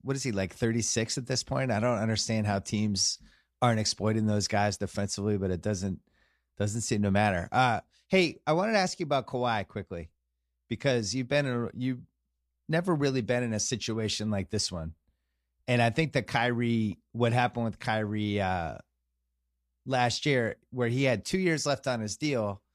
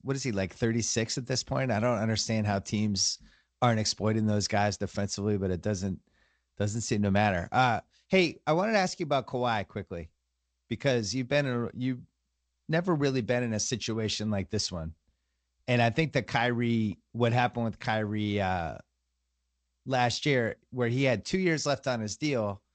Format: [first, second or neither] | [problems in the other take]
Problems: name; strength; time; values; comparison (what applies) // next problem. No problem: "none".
first | garbled, watery; slightly; nothing above 7.5 kHz